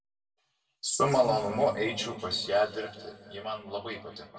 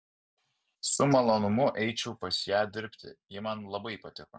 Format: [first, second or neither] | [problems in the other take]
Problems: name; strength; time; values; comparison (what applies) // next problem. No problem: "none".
second | room echo; dies away in 1.7 s